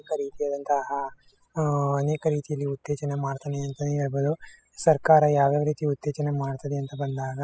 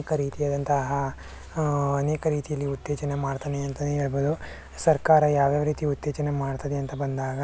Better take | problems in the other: second | noise reduction (classical method spectral subtraction)

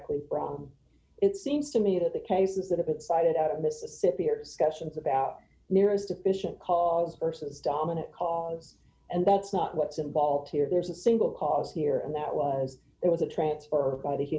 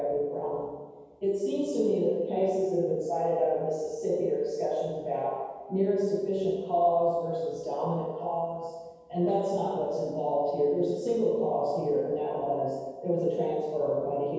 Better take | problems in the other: first | room echo; dies away in 1.2 s

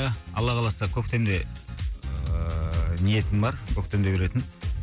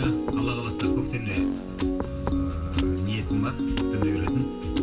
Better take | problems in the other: first | background sound (Piano); 2 dB above the speech // room echo; dies away in 0.1 s

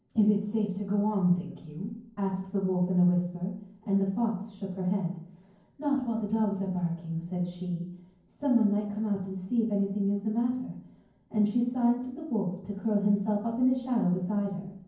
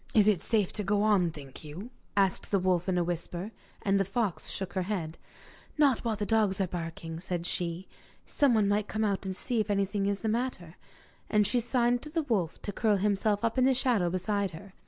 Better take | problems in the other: second | room echo; dies away in 0.9 s

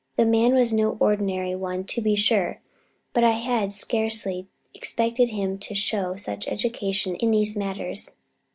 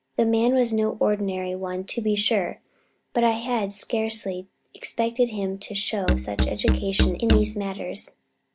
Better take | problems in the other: first | background sound (Musical instrument); 1 dB above the speech

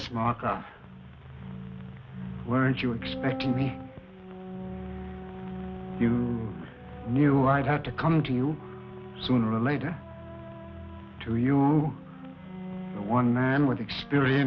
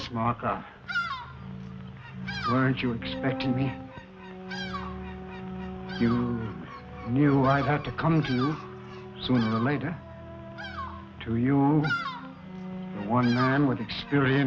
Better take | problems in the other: first | background sound (Bird vocalization, bird call, bird song); 12 dB below the speech

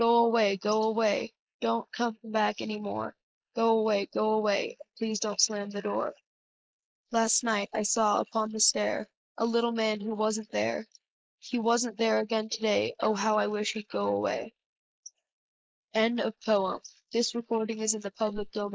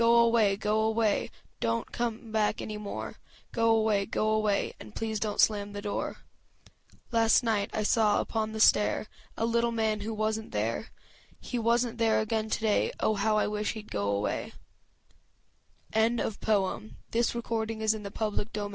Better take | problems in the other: second | noise reduction (neural mask model Resemble Enhance denoiser)

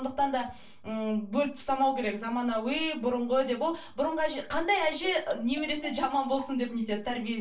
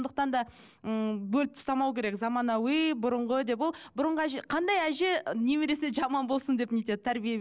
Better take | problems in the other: second | background sound (Marimba, xylophone); 18 dB below the speech // room echo; dies away in 0.3 s

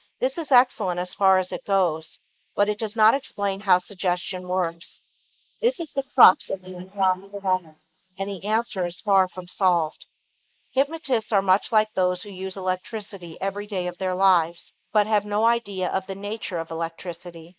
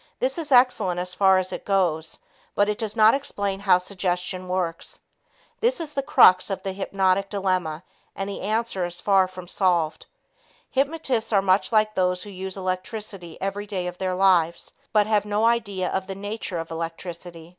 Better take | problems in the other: second | noise reduction (neural mask model Resemble Enhance denoiser)

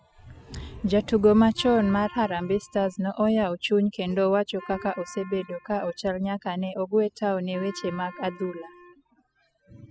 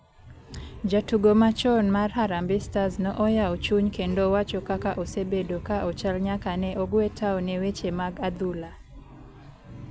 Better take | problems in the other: second | noise reduction (classical method spectral subtraction)

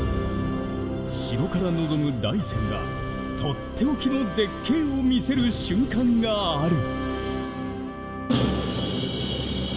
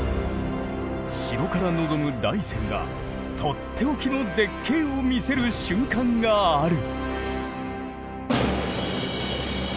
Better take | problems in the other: second | background sound (Trumpet); 16 dB below the speech // room echo; dies away in 1.1 s

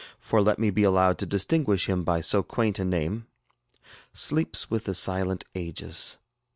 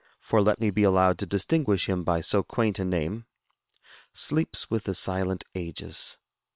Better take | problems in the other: first | noise reduction (neural separator model SepFormer WHAM!)

